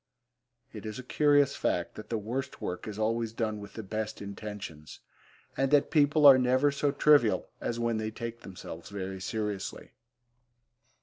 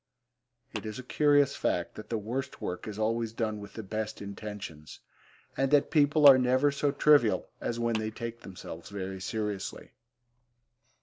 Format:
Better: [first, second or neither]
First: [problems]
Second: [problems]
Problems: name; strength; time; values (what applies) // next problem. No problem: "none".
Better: first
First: none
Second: background sound (Clapping); 19 dB below the speech